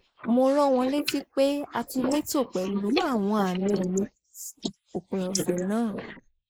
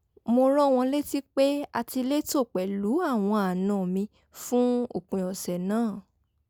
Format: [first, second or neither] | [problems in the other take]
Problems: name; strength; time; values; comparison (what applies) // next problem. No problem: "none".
second | noise reduction (neural mask model Resemble Enhance denoiser)